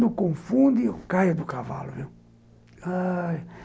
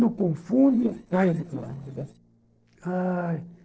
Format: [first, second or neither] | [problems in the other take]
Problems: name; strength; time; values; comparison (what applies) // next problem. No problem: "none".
first | noise reduction (neural separator model SepFormer DNS4)